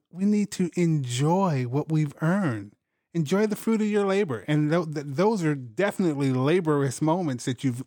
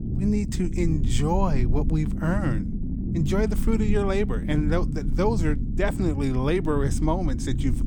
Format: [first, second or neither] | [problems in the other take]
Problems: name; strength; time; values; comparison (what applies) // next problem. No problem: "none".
first | low rumble; loud; throughout; 9 dB below the speech